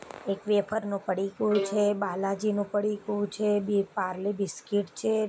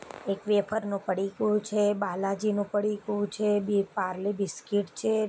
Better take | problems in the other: second | background sound (Bowed string instrument); 12 dB below the speech

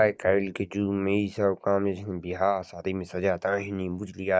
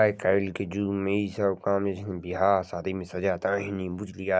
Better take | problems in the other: second | noise reduction (neural mask model DeepFilterNet 3)

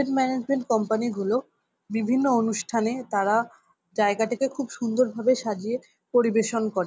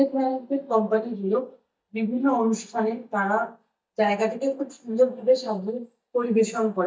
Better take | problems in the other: first | noise reduction (neural mask model DeepFilterNet 3)

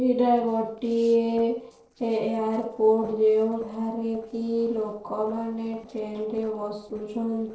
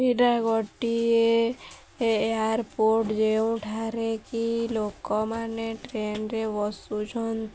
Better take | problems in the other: second | noise reduction (neural separator model SepFormer DNS4)

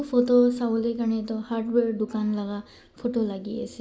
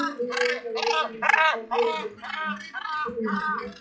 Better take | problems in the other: first | noise reduction (classical method WPE with log-MMSE)

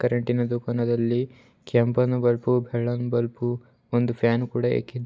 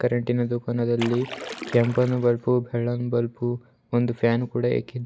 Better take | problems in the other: first | background sound (Splash, splatter); 14 dB below the speech

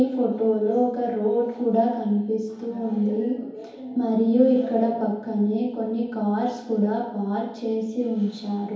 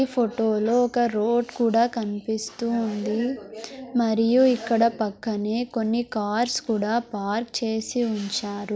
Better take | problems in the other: second | room echo; dies away in 2.2 s

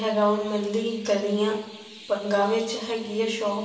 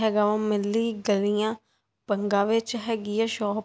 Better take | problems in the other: second | background sound (Chirp, tweet); 20 dB below the speech // room echo; dies away in 1 s

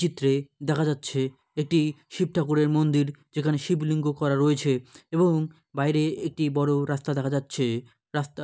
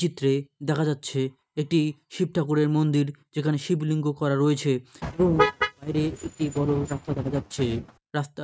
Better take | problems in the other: first | noise reduction (neural mask model RNNoise)

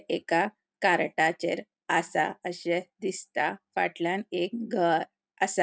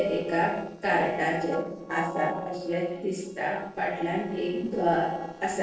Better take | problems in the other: first | noise reduction (neural separator model SepFormer DNS4)

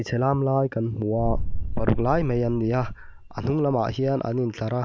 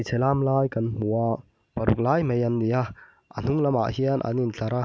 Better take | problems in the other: second | background sound (Boom); 4 dB below the speech

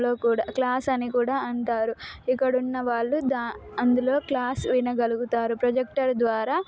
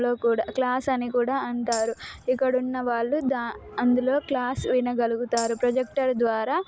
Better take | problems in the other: first | background sound (Tambourine); 17 dB below the speech

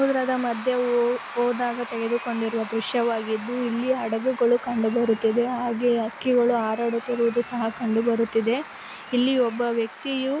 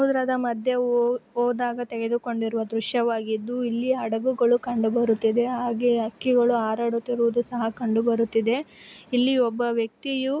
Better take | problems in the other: second | background sound (Applause / Crowd / Cheering); 15 dB below the speech

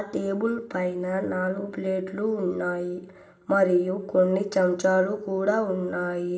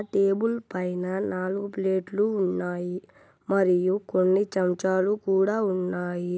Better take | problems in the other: second | room echo; dies away in 0.6 s

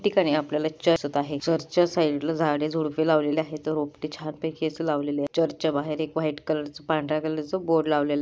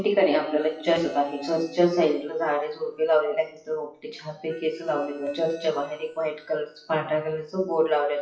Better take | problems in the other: first | noise reduction (classical method WPE with log-MMSE)

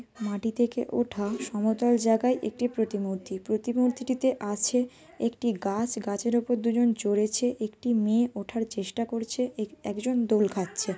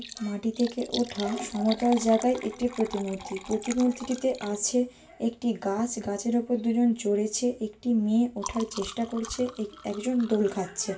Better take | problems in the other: first | background sound (Liquid); 16 dB below the speech // room echo; dies away in 0.2 s

